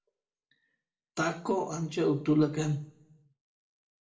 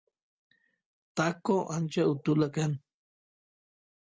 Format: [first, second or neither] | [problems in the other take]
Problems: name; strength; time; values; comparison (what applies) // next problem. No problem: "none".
second | room echo; dies away in 0.5 s